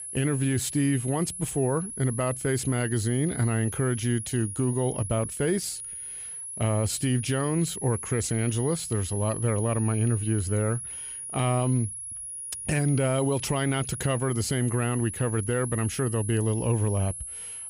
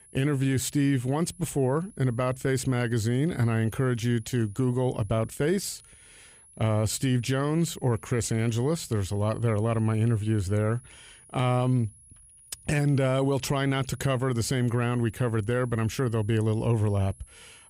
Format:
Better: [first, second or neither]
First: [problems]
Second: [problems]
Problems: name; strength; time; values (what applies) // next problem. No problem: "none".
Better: second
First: high-pitched whine; loud; throughout; 10.5 kHz, 7 dB below the speech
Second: high-pitched whine; faint; throughout; 10.5 kHz, 25 dB below the speech